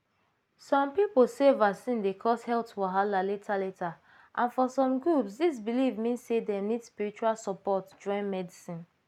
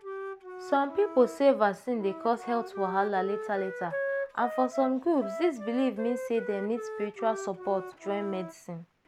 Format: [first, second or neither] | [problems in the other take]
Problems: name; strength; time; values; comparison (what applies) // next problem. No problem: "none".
first | background sound (Wind instrument, woodwind instrument); 9 dB below the speech